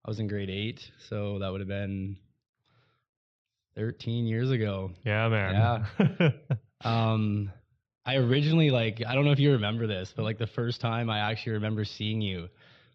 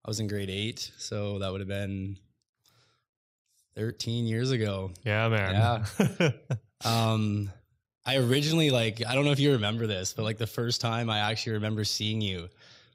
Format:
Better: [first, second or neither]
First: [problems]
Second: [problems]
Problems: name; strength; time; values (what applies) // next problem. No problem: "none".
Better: second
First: muffled; slightly; fading above 3.5 kHz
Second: none